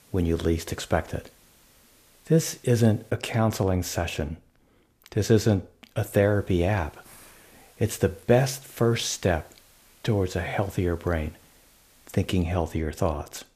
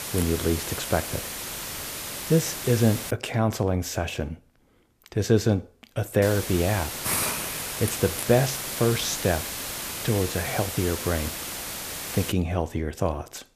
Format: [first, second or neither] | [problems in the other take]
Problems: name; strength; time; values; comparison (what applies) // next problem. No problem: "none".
first | hiss; loud; until 3 s and from 6 to 12 s; 4 dB below the speech; faint in the first